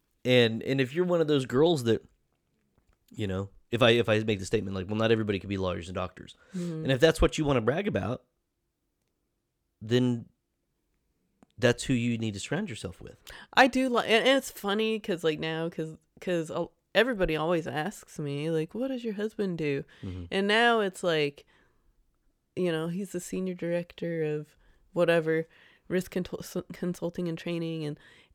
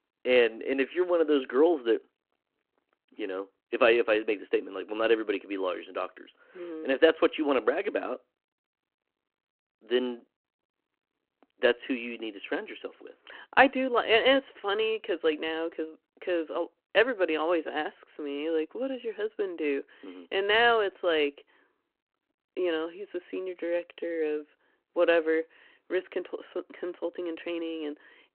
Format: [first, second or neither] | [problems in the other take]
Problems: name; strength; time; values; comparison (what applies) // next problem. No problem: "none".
first | phone-call audio